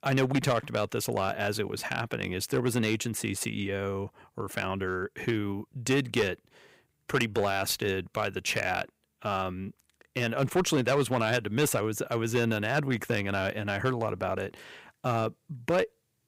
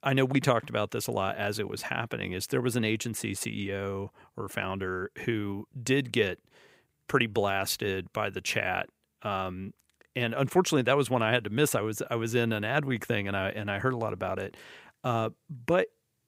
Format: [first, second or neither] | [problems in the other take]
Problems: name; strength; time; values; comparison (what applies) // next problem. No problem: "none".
second | distortion; slight; 4% of the sound clipped